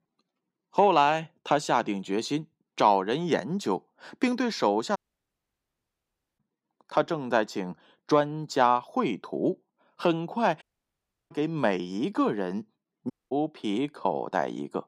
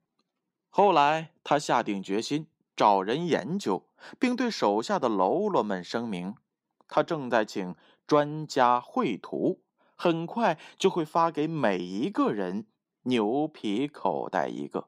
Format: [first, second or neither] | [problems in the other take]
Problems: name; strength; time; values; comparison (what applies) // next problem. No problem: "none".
second | audio cutting out; at 5 s for 1.5 s, at 11 s for 0.5 s and at 13 s